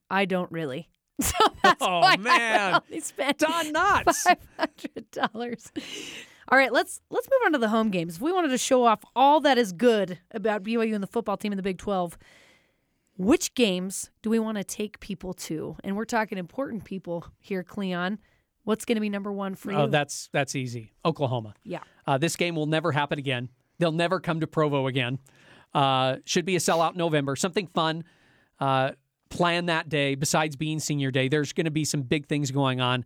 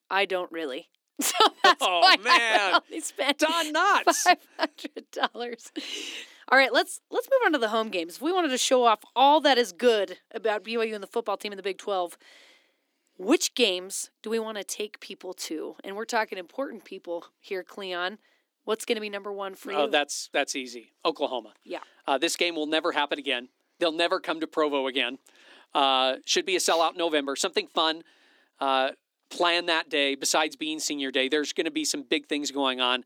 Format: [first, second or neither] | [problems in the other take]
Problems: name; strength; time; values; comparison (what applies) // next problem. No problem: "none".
first | thin; very slightly; fading below 250 Hz